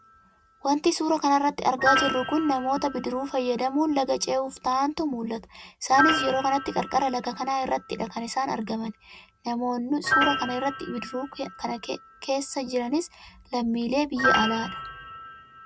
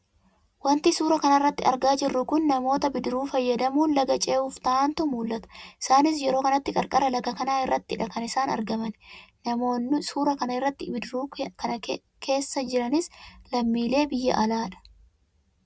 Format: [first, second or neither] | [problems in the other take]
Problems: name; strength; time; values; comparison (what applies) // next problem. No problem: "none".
second | background sound (Piano); 6 dB below the speech